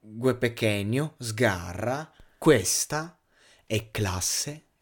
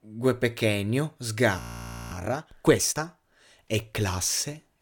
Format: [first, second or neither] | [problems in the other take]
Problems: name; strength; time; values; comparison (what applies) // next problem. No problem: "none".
first | audio freezing; at 1.5 s for 0.5 s